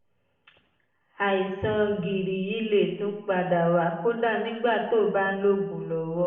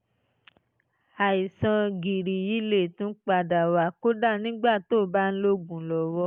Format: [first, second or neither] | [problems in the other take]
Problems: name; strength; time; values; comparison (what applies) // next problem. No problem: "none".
second | room echo; dies away in 0.8 s